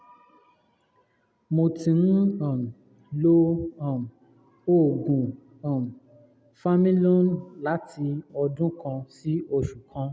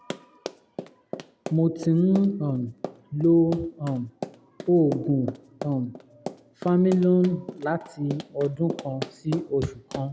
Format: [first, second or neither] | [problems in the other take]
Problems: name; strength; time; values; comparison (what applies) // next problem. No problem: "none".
first | background sound (Run); 14 dB below the speech